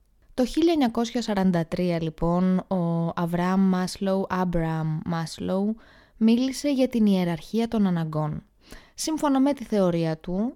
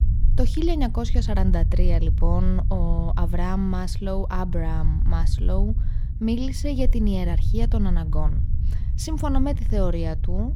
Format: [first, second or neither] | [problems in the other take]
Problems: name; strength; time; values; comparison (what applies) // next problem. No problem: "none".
first | low rumble; noticeable; throughout; 10 dB below the speech